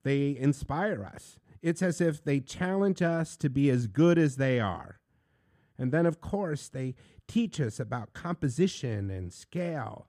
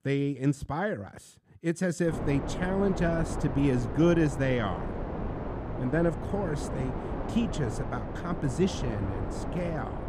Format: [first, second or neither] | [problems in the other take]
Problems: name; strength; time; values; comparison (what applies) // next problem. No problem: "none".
first | wind noise on the microphone; heavy; from 2 s on; 6 dB below the speech